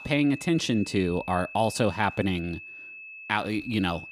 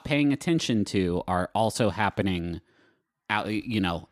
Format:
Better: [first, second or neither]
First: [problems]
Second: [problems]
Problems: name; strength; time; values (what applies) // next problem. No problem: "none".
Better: second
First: high-pitched whine; noticeable; throughout; 2.5 kHz, 15 dB below the speech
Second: none